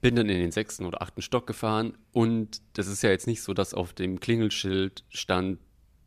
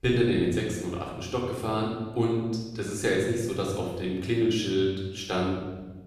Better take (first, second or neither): first